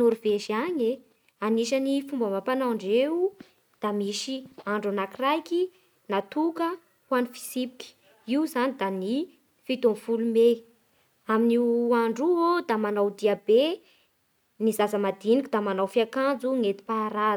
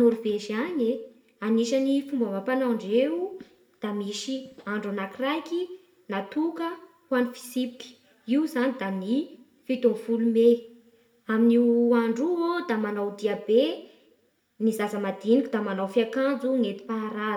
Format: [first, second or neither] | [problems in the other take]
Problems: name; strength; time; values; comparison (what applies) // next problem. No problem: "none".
first | room echo; dies away in 0.5 s